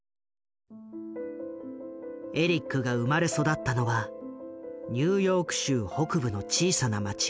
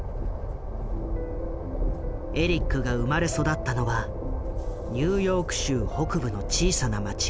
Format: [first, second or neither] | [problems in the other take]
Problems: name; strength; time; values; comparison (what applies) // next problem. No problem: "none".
first | background sound (Train); 1 dB below the speech